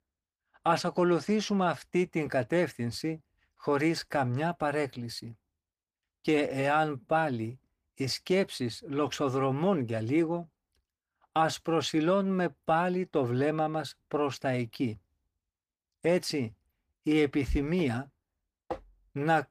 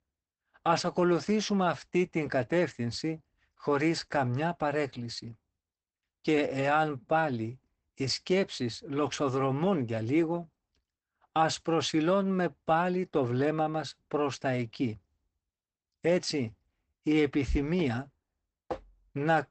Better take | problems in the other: first | garbled, watery; badly; nothing above 8 kHz; slightly in the first

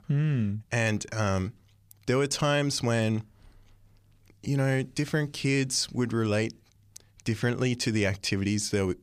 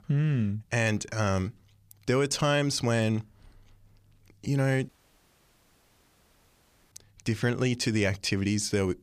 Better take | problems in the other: first | audio cutting out; at 5 s for 2 s

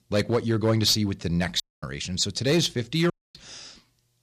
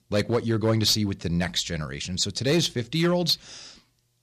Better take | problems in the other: second | audio cutting out; at 1.5 s and at 3 s

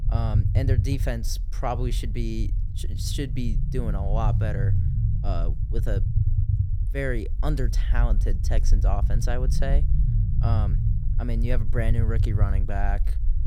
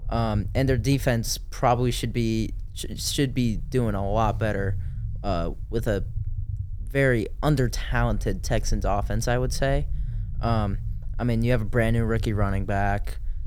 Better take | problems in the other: second | low rumble; loud; throughout; 7 dB below the speech; faint in the second

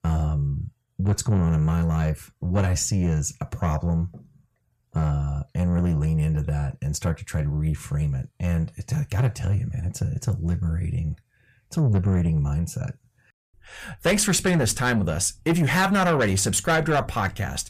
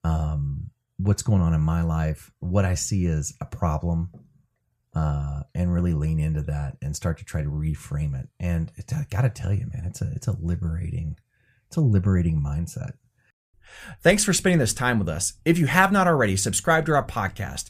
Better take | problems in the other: second | distortion; slight; 10 dB below the speech

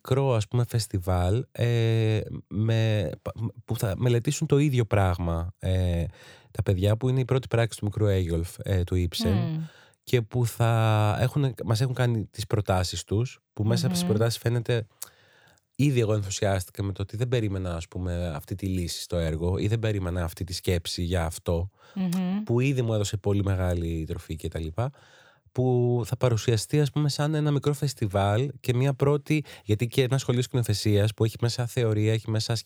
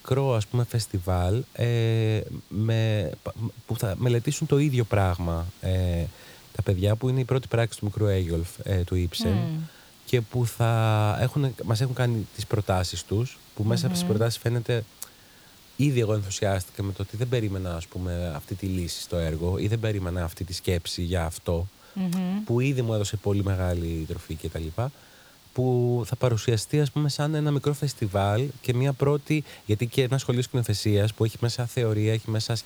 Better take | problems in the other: first | hiss; faint; throughout; 25 dB below the speech

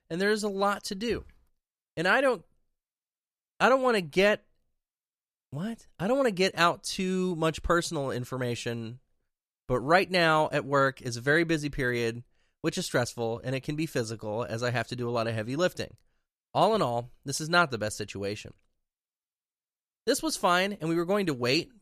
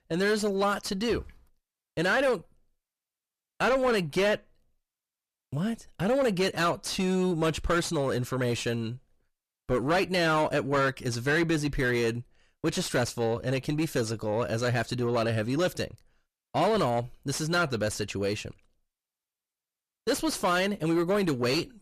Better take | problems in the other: first | distortion; heavy; 7 dB below the speech

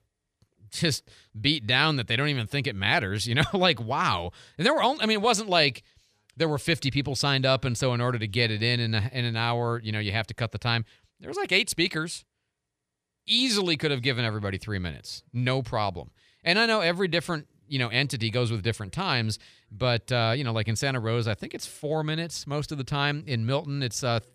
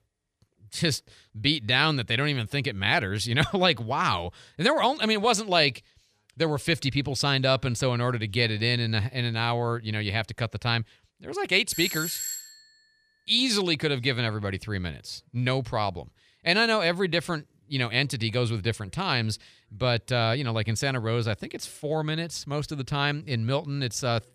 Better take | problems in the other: first | doorbell; noticeable; at 12 s; peak 4 dB below the speech

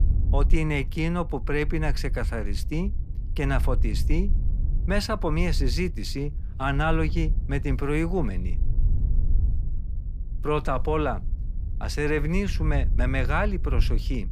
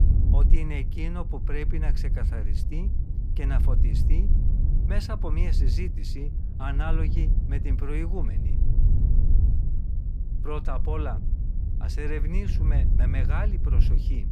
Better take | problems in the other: first | wind noise on the microphone; heavy; 5 dB below the speech; occasional gusts in the first

